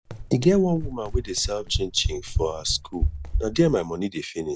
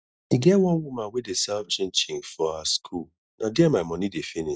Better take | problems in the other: second | background sound (Run); 4 dB below the speech

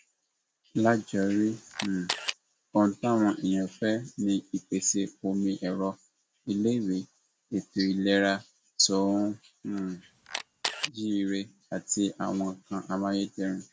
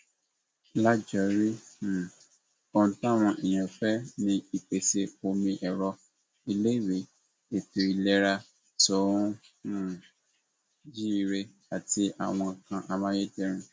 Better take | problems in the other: second | background sound (Camera); 8 dB below the speech

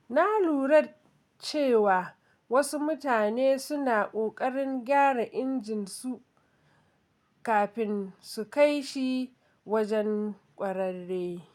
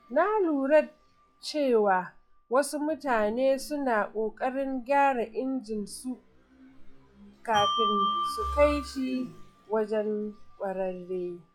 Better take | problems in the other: first | noise reduction (classical method log-MMSE)

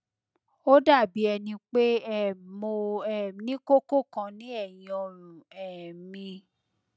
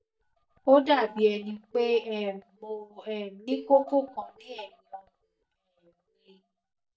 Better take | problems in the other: first | noise reduction (neural mask model DeepFilterNet 3)

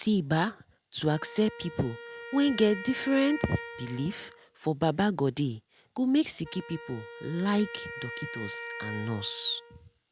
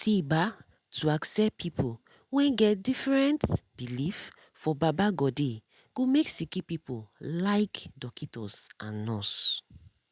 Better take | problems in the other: second | background sound (Wind instrument, woodwind instrument); 14 dB below the speech

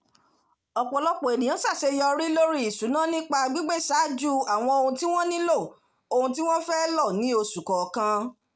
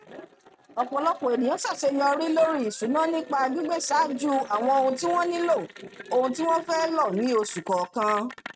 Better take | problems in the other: first | noise reduction (neural mask model RNNoise)

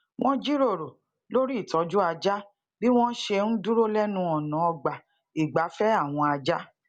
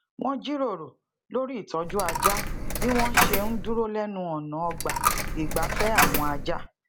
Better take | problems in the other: first | background sound (Coin (dropping)); 4 dB above the speech

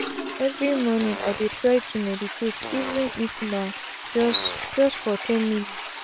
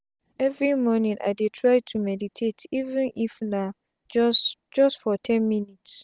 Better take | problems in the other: second | background sound (Fart + Toilet flush); 8 dB below the speech

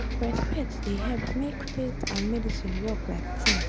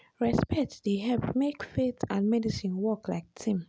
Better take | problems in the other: second | background sound (Bus); 2 dB above the speech

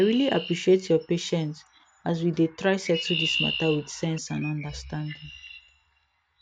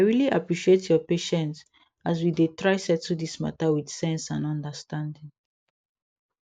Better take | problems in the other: second | background sound (Chirp, tweet); 9 dB below the speech

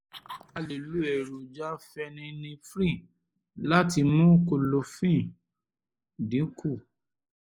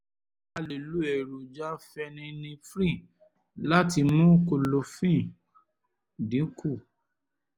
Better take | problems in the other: second | noise reduction (neural mask model Resemble Enhance denoiser)

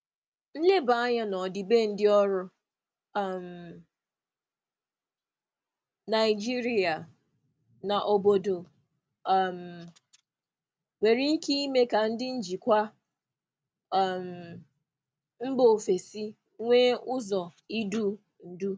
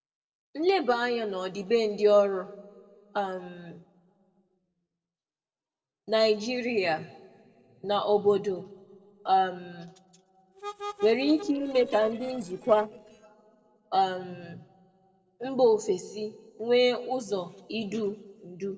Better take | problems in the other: first | noise reduction (neural separator model SepFormer DNS4)

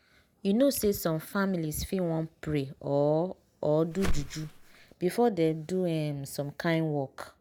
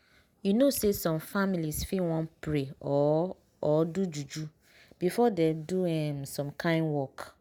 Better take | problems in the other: second | background sound (Whoosh, swoosh, swish); 1 dB below the speech

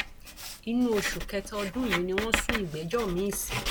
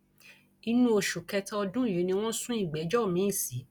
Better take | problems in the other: second | background sound (Writing); 3 dB below the speech

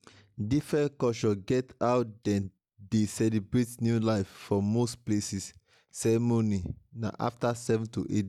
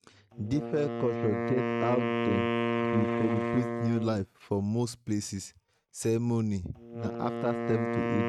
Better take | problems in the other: first | noise reduction (neural mask model RNNoise)

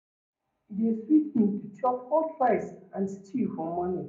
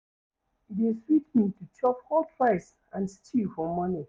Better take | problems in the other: second | room echo; dies away in 0.5 s

